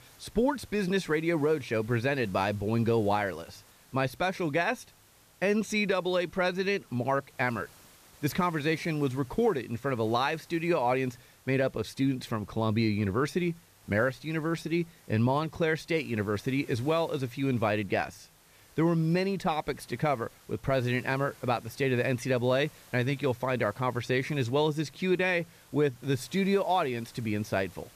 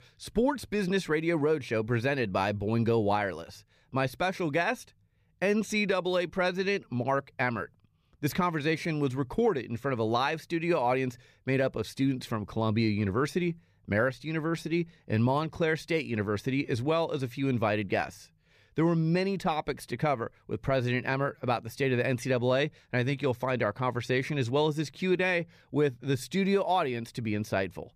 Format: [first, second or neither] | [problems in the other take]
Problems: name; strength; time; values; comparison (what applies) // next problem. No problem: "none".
second | hiss; faint; throughout; 25 dB below the speech